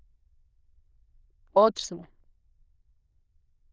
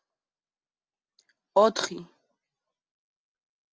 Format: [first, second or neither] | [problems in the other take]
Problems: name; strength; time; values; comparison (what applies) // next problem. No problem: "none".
second | noise reduction (neural diffusion model UNIVERSE++)